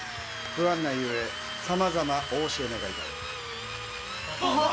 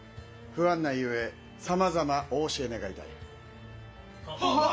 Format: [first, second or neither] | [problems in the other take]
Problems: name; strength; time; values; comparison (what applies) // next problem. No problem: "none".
second | background sound (Drill); 6 dB below the speech